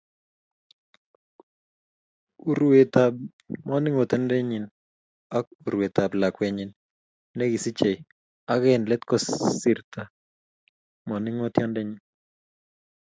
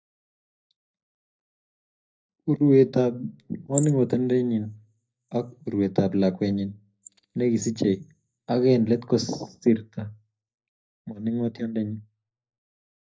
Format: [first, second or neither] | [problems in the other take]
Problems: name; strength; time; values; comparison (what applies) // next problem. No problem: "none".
first | noise reduction (neural mask model DeepFilterNet 3)